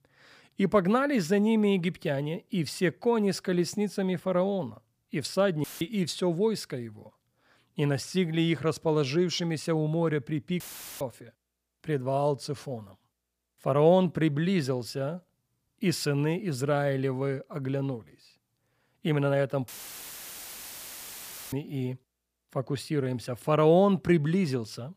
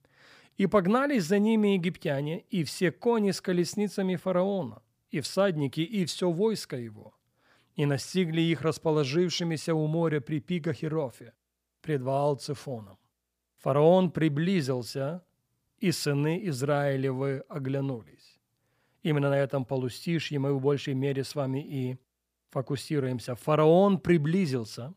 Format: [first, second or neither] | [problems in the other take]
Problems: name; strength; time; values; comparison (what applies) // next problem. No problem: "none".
second | audio cutting out; filled with static; at 5.5 s, at 11 s and at 20 s for 2 s